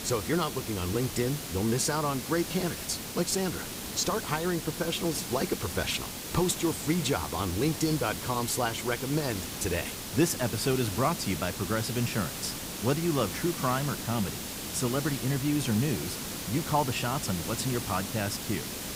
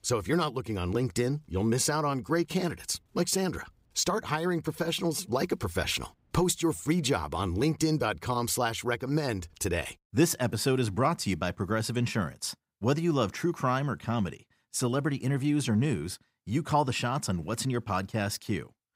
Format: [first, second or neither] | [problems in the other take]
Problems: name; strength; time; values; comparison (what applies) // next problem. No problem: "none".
second | hiss; loud; throughout; 5 dB below the speech